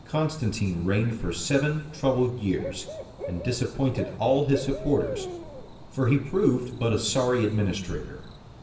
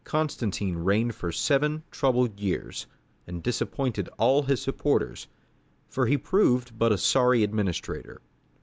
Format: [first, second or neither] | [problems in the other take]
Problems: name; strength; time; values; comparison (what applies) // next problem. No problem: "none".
second | background sound (Cricket / Bird); 14 dB below the speech // room echo; dies away in 0.9 s